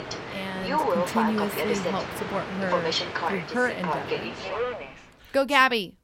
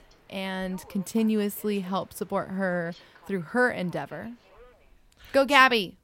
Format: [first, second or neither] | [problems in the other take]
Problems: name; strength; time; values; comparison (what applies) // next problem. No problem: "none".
second | train or aircraft noise; loud; until 5 s; 2 dB below the speech; faint in the second